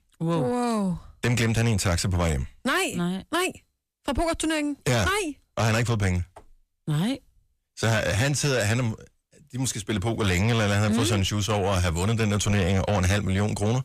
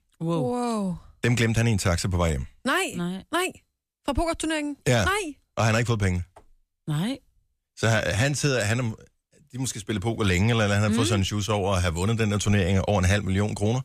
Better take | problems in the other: second | distortion; slight; 10 dB below the speech

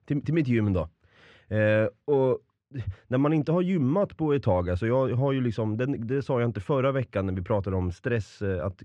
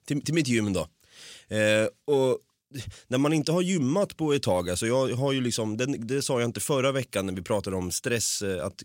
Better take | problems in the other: second | muffled; very; fading above 1.5 kHz

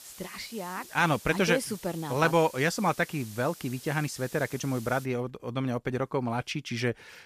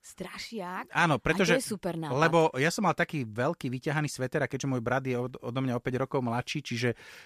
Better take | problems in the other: second | hiss; noticeable; until 5 s; 15 dB below the speech

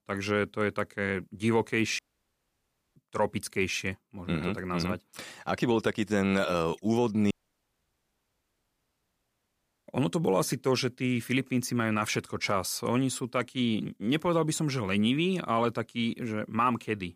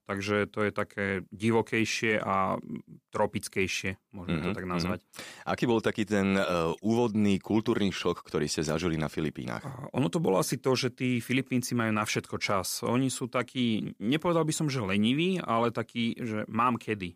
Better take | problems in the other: second | audio cutting out; at 2 s for 1 s and at 7.5 s for 2.5 s

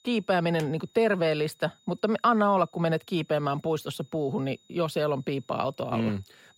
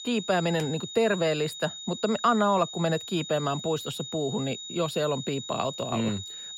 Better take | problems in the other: first | high-pitched whine; loud; throughout; 4 kHz, 9 dB below the speech; faint in the first

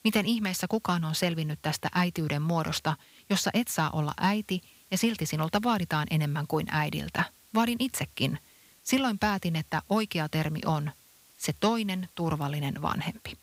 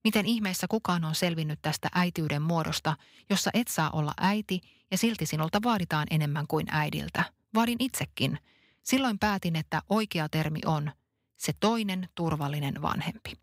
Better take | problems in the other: second | hiss; faint; throughout; 25 dB below the speech

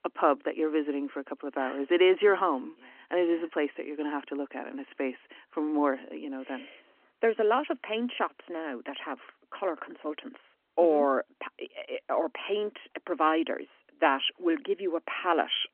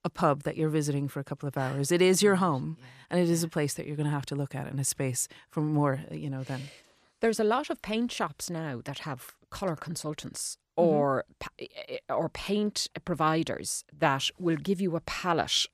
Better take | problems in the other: second | phone-call audio; nothing above 3.5 kHz

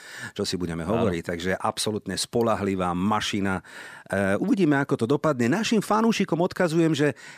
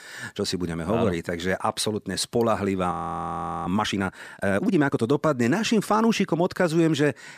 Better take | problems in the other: first | audio freezing; at 3 s for 0.5 s

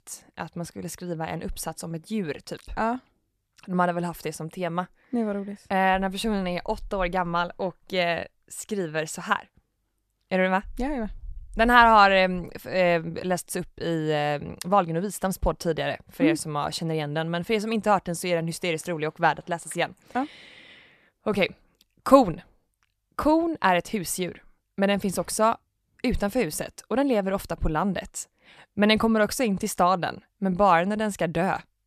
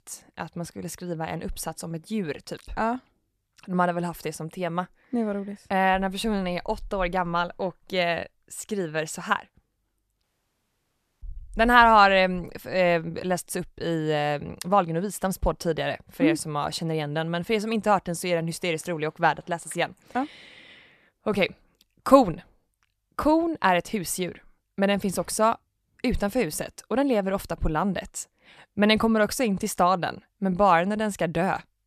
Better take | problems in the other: first | audio cutting out; at 10 s for 1 s

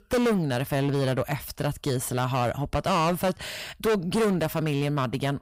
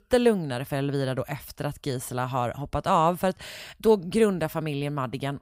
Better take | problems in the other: second | distortion; heavy; 15% of the sound clipped

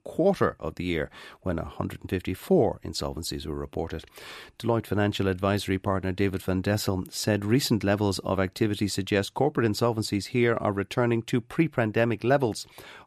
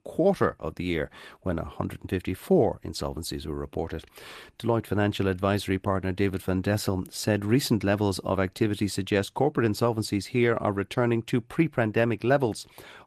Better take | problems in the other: first | garbled, watery; slightly; nothing above 14.5 kHz

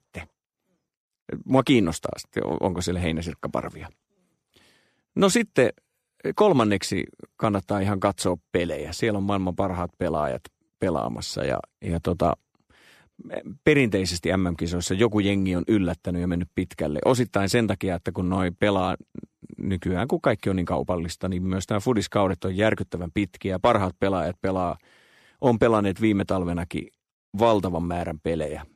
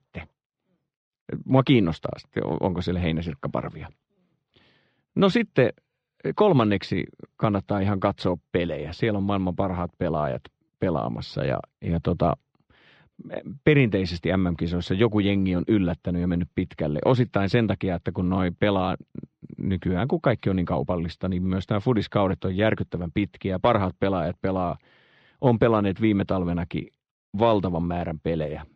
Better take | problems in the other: first | muffled; slightly; fading above 4 kHz

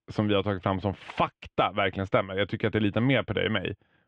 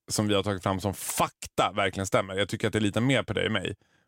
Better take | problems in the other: second | muffled; very; fading above 3 kHz

